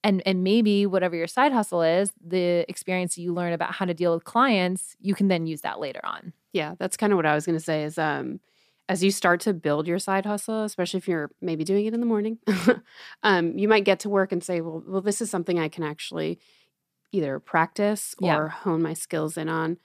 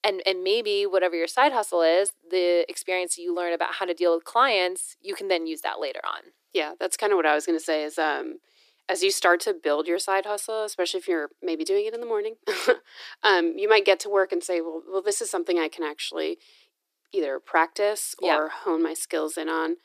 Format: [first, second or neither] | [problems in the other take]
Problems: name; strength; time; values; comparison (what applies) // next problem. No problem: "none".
first | thin; very; fading below 300 Hz